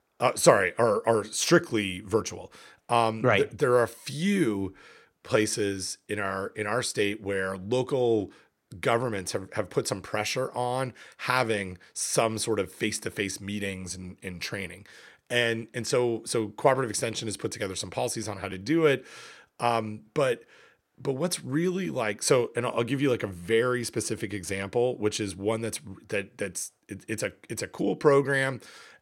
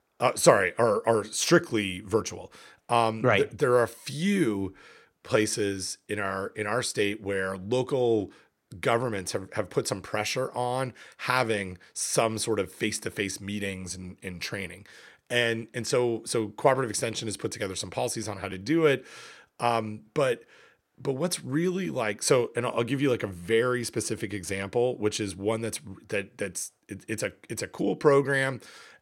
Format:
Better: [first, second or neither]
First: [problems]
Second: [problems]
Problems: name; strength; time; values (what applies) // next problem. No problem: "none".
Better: neither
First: none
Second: none